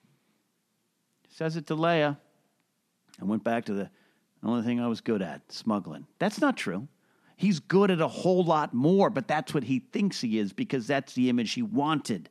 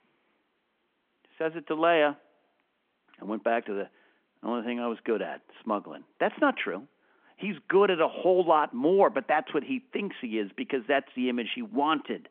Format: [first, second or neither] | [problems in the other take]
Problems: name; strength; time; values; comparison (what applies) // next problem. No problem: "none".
first | phone-call audio